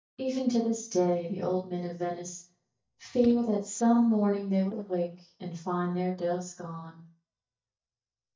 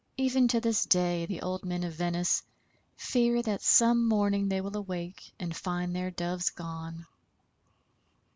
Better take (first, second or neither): second